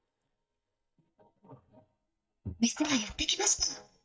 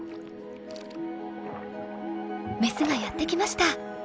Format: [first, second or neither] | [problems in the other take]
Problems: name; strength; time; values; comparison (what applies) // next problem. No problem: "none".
second | noise reduction (neural mask model DeepFilterNet 3)